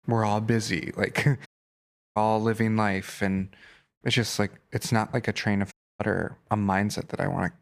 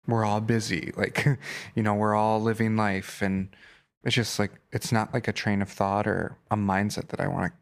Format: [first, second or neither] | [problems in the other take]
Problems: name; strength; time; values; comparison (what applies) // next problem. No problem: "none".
second | audio cutting out; at 1.5 s for 0.5 s and at 5.5 s